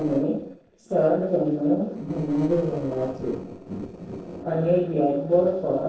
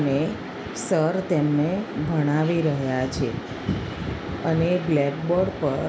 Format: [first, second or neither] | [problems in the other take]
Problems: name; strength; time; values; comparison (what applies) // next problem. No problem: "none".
second | noise reduction (neural separator model SepFormer DNS4)